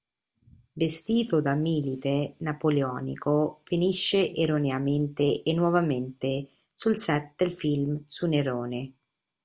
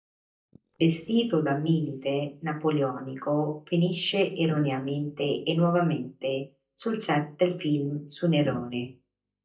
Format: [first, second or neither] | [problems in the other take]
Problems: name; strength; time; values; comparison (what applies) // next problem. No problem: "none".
first | noise reduction (neural mask model DeepFilterNet 3)